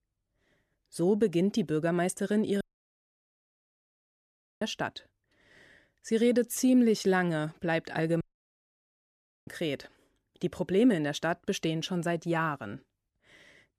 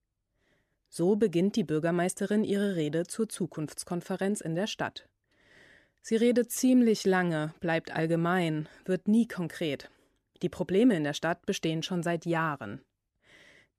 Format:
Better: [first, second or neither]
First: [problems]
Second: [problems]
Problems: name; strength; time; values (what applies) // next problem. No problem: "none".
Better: second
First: audio cutting out; at 2.5 s for 2 s and at 8 s for 1.5 s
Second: none